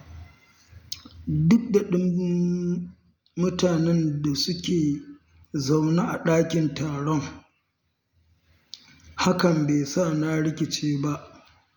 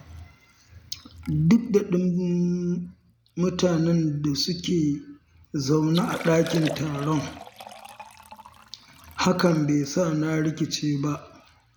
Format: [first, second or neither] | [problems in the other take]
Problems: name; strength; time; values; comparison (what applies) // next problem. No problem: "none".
first | background sound (Liquid); 18 dB below the speech